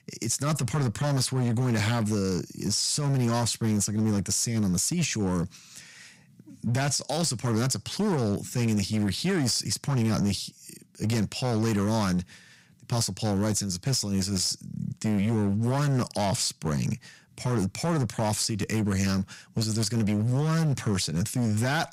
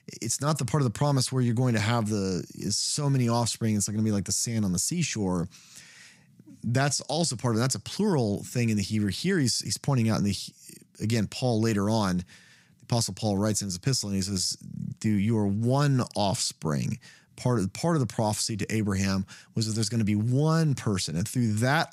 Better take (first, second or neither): second